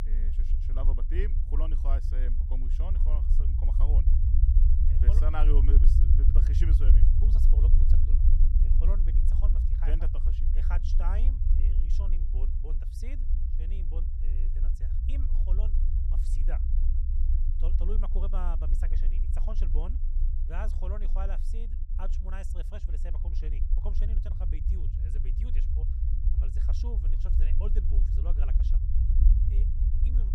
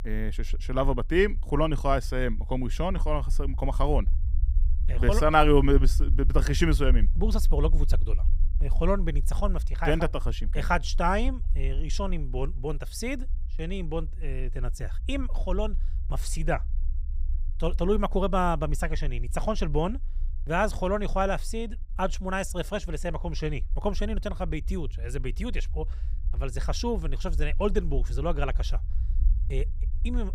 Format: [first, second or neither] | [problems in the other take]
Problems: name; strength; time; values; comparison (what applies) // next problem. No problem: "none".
second | low rumble; loud; throughout; 2 dB below the speech; faint in the second